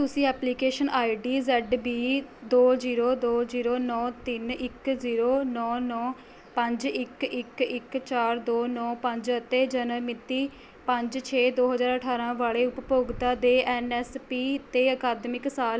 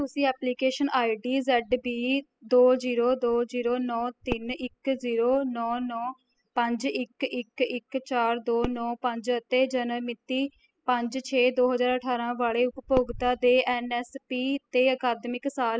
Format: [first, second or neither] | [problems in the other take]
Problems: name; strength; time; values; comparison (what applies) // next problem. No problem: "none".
first | noise reduction (classical method spectral subtraction)